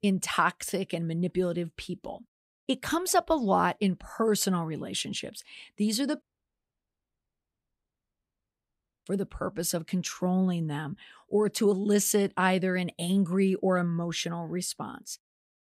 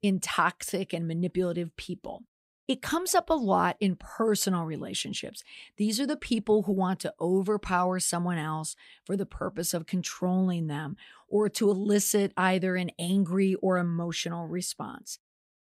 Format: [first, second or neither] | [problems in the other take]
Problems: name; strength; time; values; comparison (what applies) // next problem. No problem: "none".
second | audio cutting out; at 6 s for 3 s